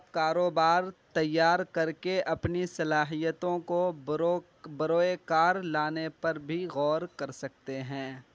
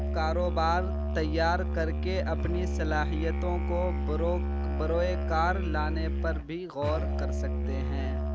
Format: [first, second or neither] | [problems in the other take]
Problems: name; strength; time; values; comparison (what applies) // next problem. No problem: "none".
first | background sound (Musical instrument); 3 dB above the speech